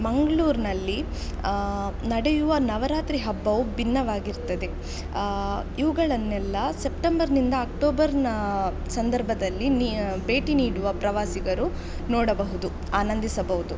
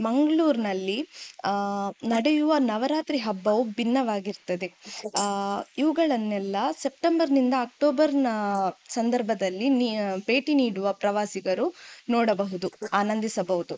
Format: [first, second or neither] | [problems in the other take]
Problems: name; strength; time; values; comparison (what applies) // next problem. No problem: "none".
first | noise reduction (neural mask model Resemble Enhance denoiser)